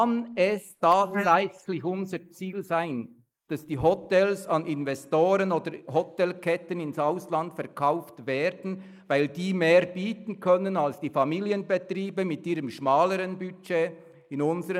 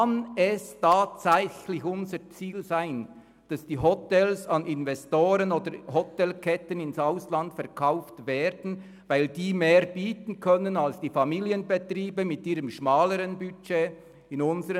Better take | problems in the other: second | noise reduction (neural mask model Resemble Enhance denoiser)

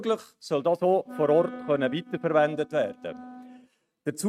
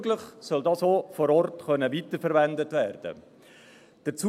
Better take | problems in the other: second | noise reduction (neural mask model RNNoise)

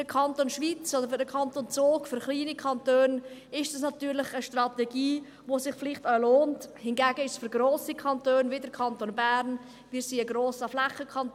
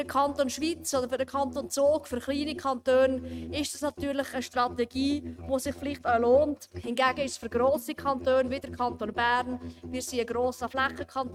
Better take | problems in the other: first | noise reduction (neural mask model RNNoise)

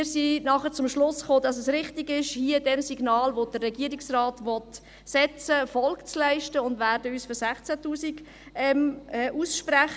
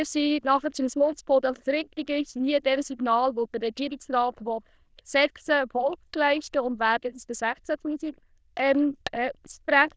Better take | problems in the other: first | noise reduction (neural diffusion model UNIVERSE++)

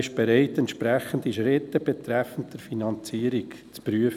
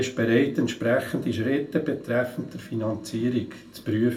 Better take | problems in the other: first | room echo; dies away in 0.2 s

